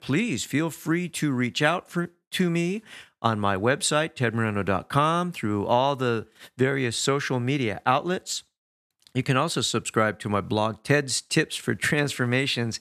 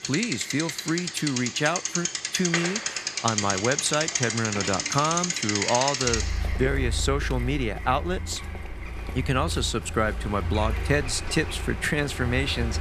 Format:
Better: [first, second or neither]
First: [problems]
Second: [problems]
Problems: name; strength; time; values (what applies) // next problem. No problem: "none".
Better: first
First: none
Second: traffic noise; loud; throughout; 2 dB below the speech